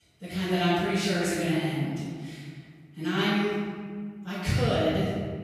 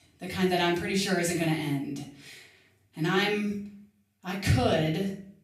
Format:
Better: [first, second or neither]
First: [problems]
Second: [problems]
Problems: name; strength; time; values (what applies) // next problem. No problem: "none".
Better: second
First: room echo; strong; dies away in 1.8 s // off-mic speech; far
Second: room echo; slight; dies away in 0.4 s // off-mic speech; far